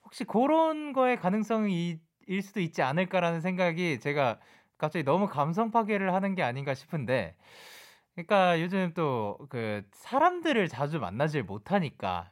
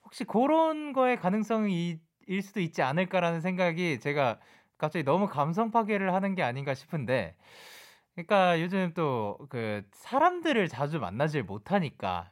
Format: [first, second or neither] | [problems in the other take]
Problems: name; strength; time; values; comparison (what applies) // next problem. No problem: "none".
neither | none